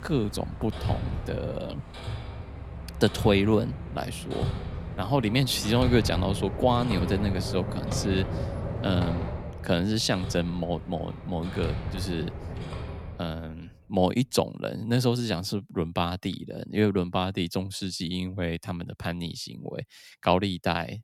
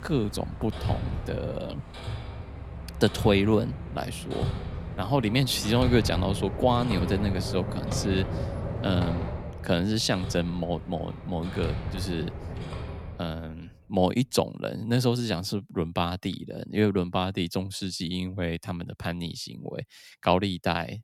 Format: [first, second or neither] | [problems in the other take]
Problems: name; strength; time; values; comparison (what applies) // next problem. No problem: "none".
neither | machinery noise; loud; until 13 s; 6 dB below the speech; the same in both